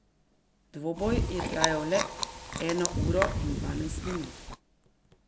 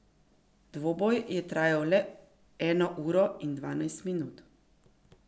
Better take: second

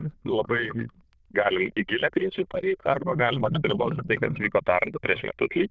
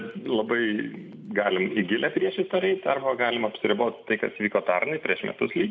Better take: second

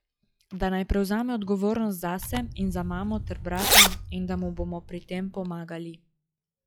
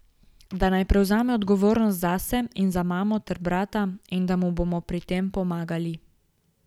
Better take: second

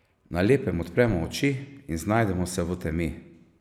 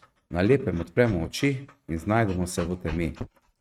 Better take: first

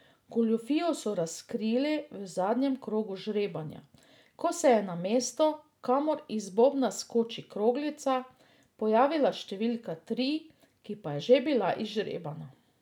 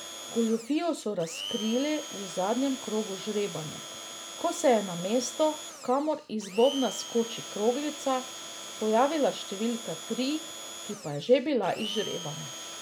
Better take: first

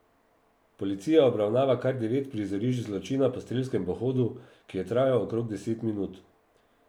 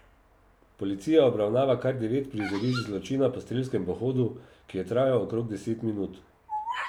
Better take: first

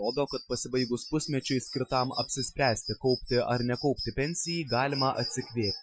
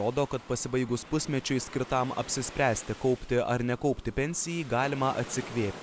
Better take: second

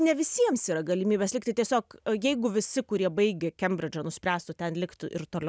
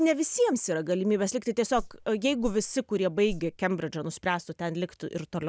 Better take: first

